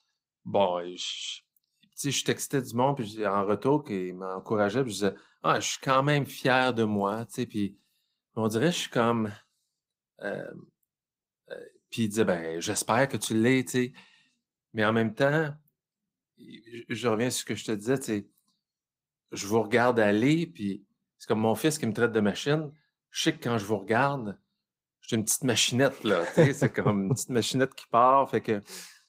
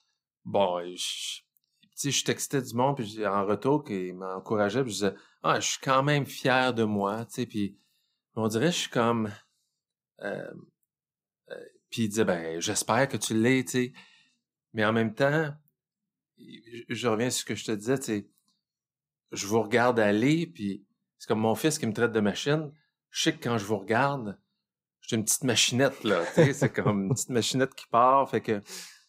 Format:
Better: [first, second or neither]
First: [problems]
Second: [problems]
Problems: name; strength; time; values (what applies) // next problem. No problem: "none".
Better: second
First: garbled, watery; slightly; nothing above 15.5 kHz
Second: none